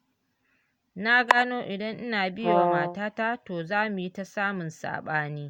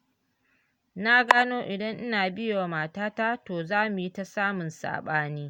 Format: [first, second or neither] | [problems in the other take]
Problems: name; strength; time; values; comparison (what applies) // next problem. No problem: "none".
second | background sound (Brass instrument); 1 dB above the speech